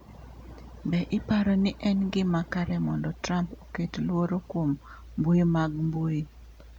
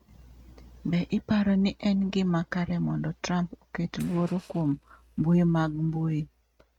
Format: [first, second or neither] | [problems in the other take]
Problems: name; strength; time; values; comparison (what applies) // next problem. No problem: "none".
first | noise reduction (neural mask model RNNoise)